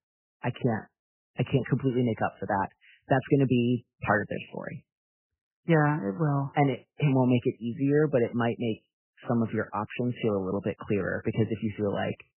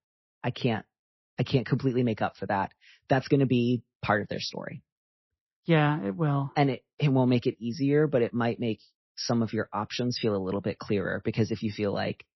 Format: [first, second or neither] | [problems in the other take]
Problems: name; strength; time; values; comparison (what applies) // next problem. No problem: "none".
second | garbled, watery; badly; nothing above 3 kHz; slightly in the second